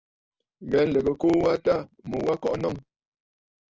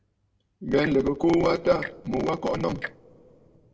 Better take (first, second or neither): first